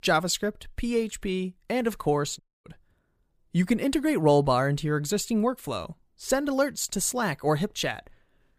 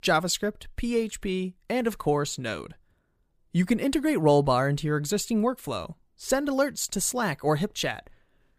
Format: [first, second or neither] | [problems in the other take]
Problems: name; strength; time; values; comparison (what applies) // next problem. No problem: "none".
second | audio cutting out; at 2.5 s